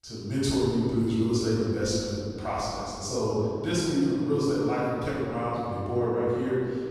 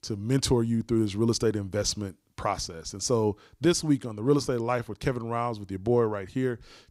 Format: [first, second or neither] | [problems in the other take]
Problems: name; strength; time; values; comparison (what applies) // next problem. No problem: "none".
second | off-mic speech; far // room echo; strong; dies away in 2.1 s